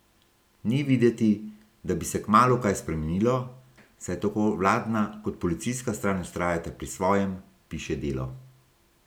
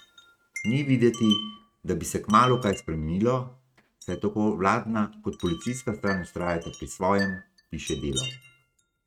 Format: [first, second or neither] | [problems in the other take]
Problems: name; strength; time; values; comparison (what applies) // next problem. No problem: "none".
first | noise reduction (neural mask model RNNoise)